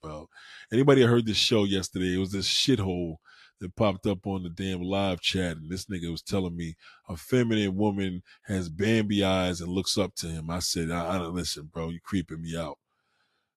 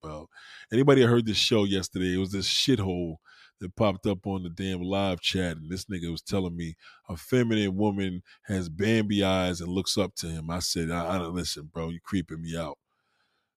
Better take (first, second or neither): second